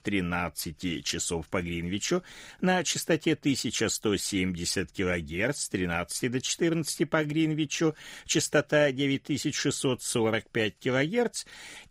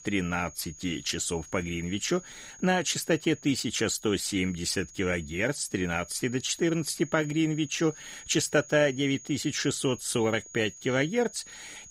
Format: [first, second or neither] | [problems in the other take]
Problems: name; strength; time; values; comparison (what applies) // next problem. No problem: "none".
first | high-pitched whine; noticeable; throughout; 6.5 kHz, 20 dB below the speech